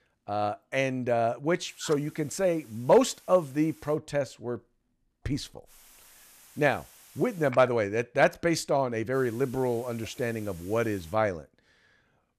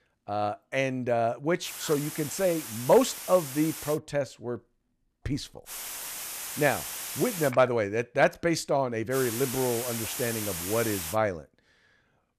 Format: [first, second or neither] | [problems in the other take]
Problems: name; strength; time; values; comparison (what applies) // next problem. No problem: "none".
first | hiss; loud; from 1.5 to 4 s, from 5.5 to 7.5 s and from 9 to 11 s; 7 dB below the speech; faint in the first